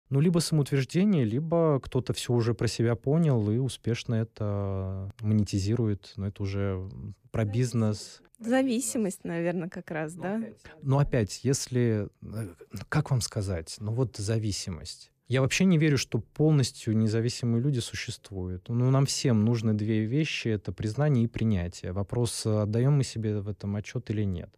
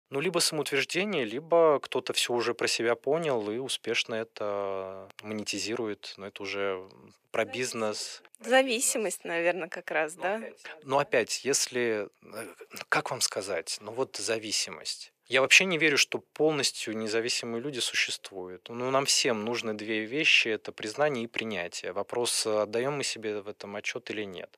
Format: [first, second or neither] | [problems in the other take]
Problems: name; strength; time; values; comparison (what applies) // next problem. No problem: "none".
first | thin; very; fading below 600 Hz